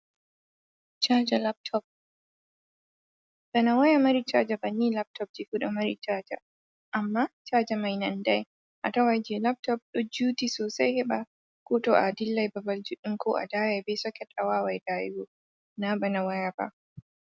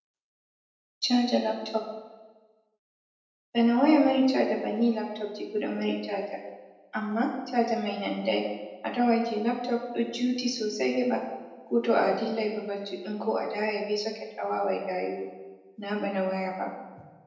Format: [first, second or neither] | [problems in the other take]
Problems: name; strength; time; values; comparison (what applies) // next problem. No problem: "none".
first | room echo; dies away in 0.9 s